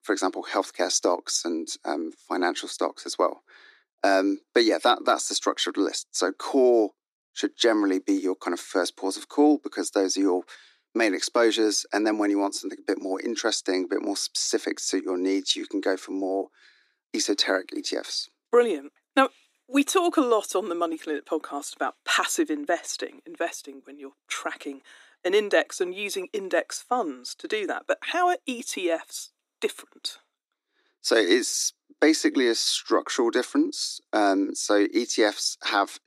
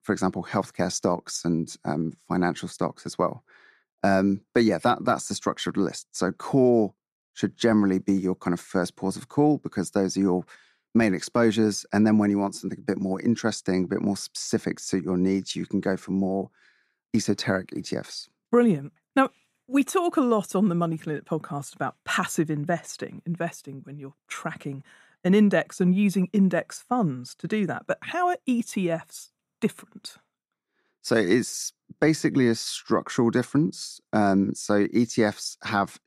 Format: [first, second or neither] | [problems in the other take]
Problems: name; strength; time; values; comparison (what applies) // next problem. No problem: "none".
second | thin; somewhat; fading below 300 Hz